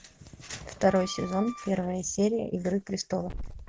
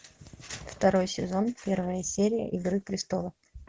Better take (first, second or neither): second